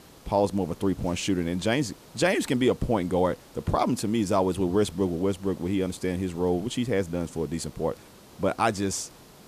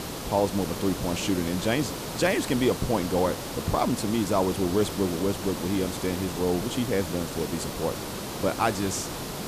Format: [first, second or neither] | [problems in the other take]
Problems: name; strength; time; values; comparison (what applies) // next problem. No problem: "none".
first | hiss; loud; throughout; 6 dB below the speech; faint in the first